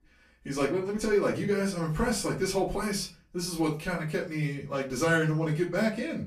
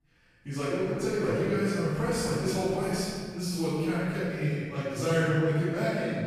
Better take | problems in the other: first | room echo; strong; dies away in 1.9 s; slight in the first // off-mic speech; far; far in the first

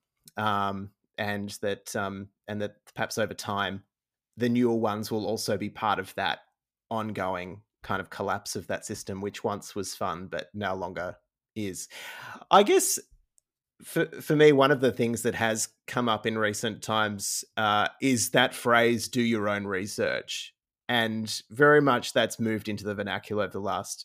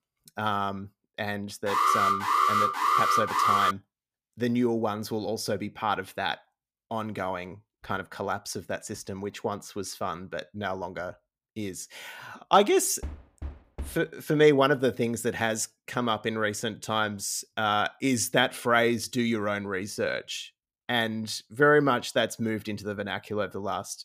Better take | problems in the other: first | alarm; loud; from 1.5 to 3.5 s; peak 6 dB above the speech // door banging; faint; at 13 s; peak 15 dB below the speech

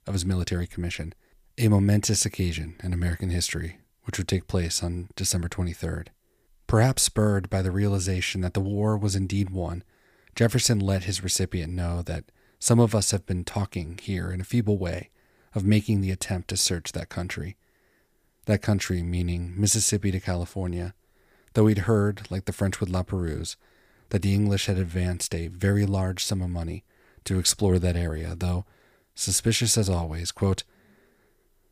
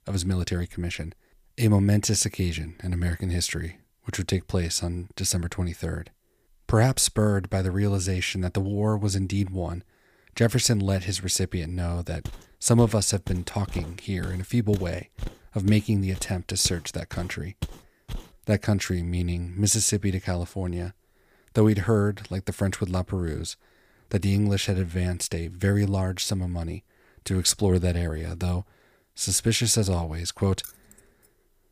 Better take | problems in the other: first | footsteps; faint; from 12 to 18 s; peak 10 dB below the speech // jangling keys; faint; at 31 s; peak 15 dB below the speech

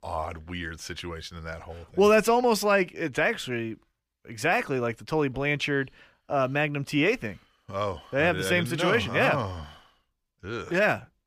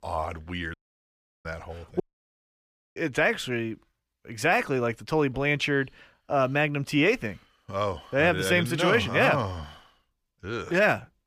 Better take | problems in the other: first | audio cutting out; at 0.5 s for 0.5 s and at 2 s for 1 s

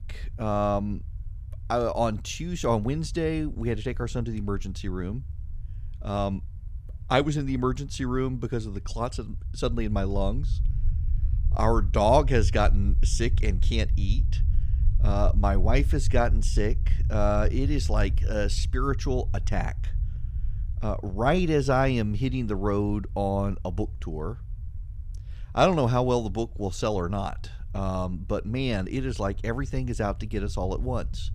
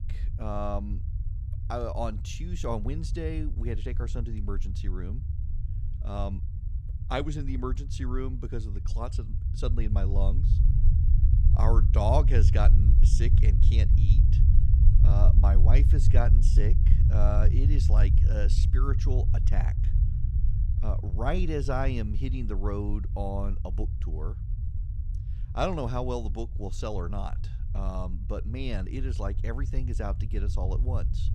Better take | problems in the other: first | low rumble; loud; throughout; 8 dB below the speech; faint in the first

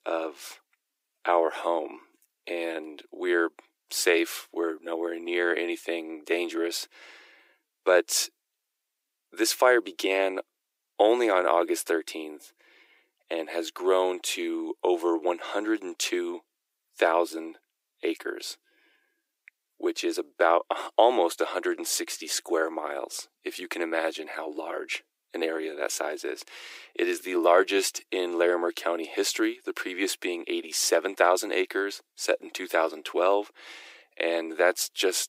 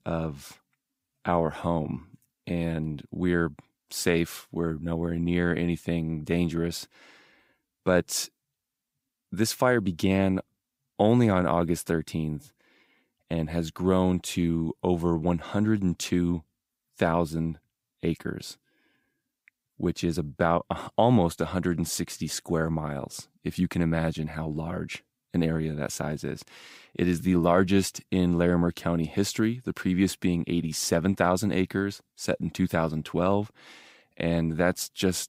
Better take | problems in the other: second | thin; very; fading below 350 Hz

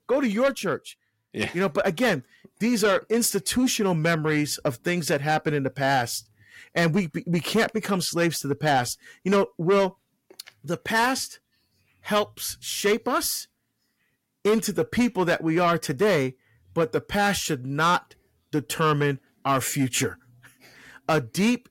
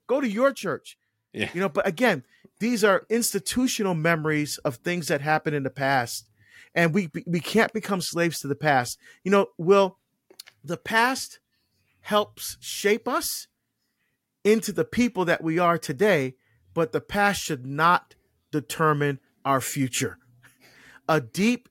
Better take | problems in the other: second | distortion; slight; 10 dB below the speech

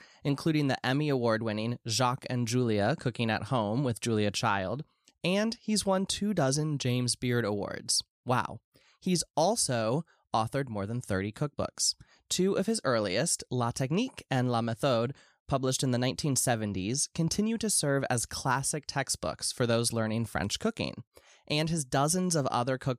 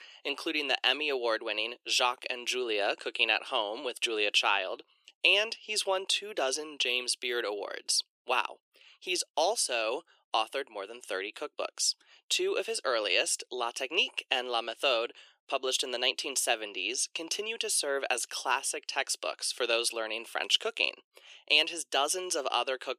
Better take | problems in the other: first | thin; very; fading below 350 Hz

